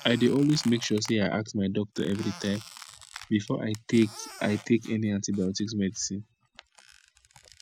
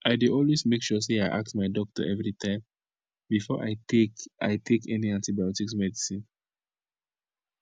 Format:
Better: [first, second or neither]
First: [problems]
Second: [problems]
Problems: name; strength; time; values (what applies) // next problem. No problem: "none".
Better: second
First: background sound (Squeak); 20 dB below the speech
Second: none